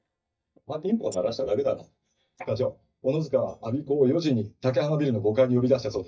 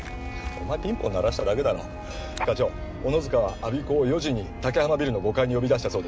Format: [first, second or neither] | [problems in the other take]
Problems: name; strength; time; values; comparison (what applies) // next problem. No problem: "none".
second | noise reduction (neural mask model DeepFilterNet 3)